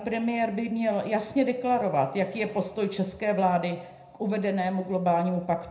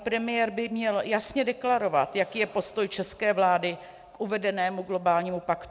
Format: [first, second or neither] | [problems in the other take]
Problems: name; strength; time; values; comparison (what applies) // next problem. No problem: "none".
second | room echo; dies away in 0.4 s